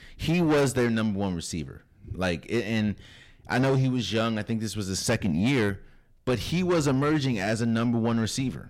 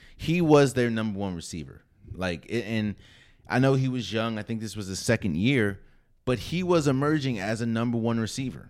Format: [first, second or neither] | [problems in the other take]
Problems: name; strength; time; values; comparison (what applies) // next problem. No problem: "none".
second | distortion; heavy; 8 dB below the speech